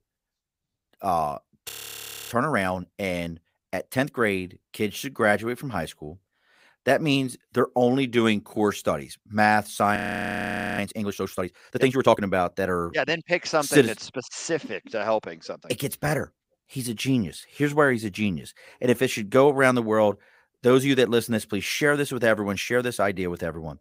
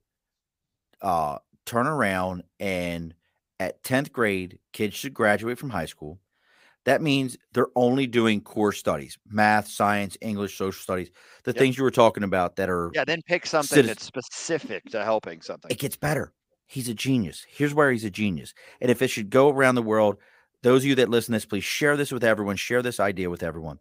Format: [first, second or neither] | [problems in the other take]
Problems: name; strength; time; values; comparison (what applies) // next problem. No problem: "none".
second | audio freezing; at 1.5 s for 0.5 s and at 10 s for 1 s